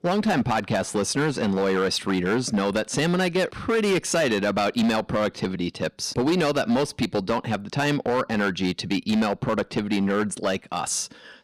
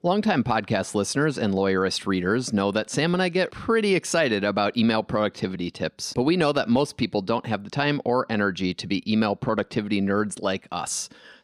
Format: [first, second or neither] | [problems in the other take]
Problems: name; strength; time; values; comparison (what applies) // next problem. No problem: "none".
second | distortion; slight; 11% of the sound clipped